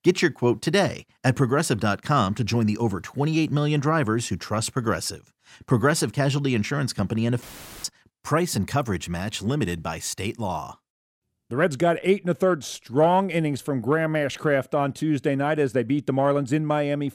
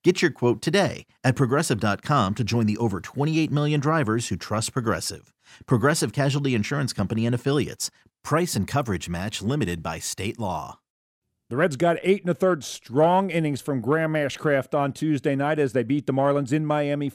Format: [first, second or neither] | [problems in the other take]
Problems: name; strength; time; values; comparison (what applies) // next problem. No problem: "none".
second | audio cutting out; filled with static; at 7.5 s